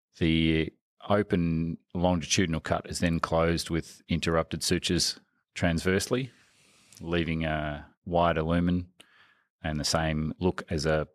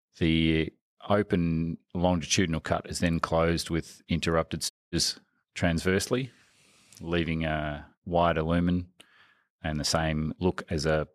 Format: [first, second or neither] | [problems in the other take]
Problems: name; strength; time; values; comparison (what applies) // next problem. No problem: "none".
first | audio cutting out; at 4.5 s